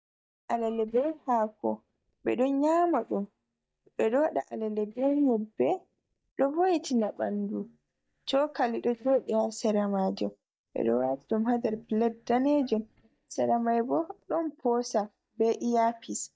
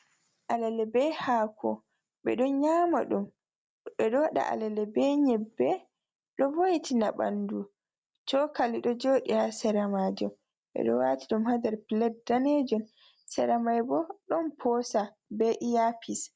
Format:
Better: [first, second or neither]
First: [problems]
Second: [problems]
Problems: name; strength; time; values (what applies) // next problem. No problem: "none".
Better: second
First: noise reduction (neural mask model DeepFilterNet 3)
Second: none